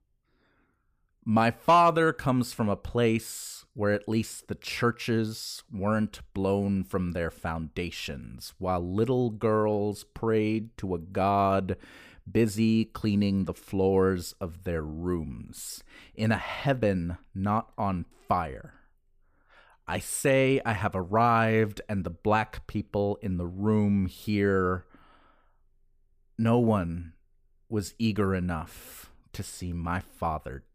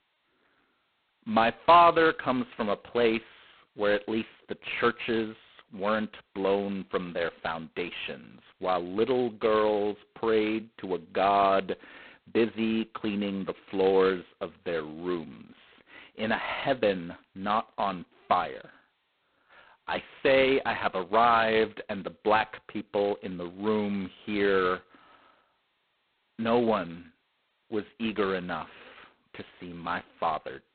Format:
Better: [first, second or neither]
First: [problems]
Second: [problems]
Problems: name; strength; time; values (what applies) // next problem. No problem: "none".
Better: first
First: none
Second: phone-call audio; poor line; nothing above 4 kHz